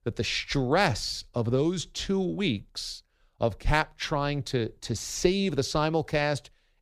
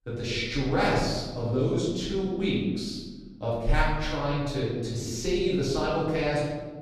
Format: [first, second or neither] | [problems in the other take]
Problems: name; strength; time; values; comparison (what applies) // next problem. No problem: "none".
first | room echo; noticeable; dies away in 1.4 s // off-mic speech; far